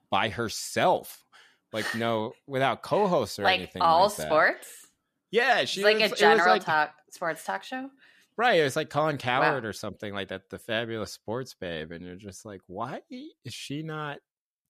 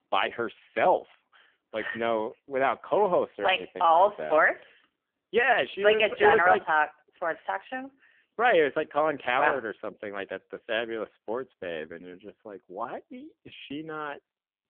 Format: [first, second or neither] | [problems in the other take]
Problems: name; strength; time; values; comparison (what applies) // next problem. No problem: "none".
first | phone-call audio; poor line; nothing above 3.5 kHz